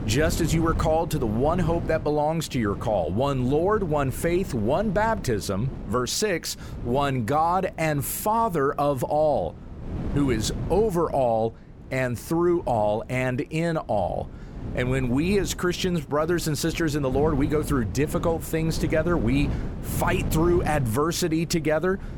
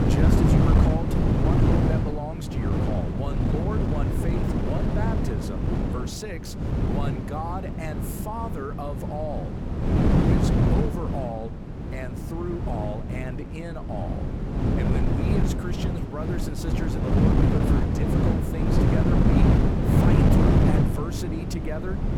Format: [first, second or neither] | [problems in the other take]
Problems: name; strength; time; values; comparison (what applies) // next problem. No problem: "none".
first | wind noise on the microphone; heavy; 5 dB above the speech; occasional gusts in the first